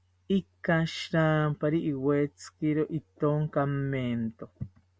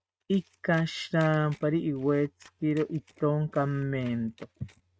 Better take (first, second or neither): first